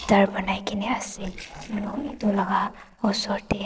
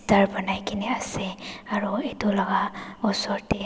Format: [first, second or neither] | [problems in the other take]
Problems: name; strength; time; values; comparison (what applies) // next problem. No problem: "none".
second | noise reduction (neural separator model SepFormer DNS4)